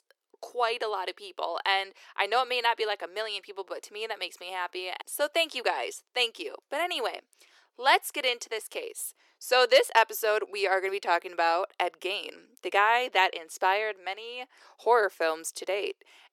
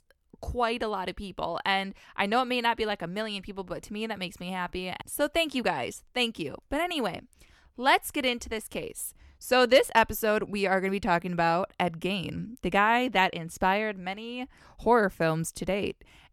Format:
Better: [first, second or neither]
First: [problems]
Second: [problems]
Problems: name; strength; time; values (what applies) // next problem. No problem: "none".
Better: second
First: thin; very; fading below 400 Hz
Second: none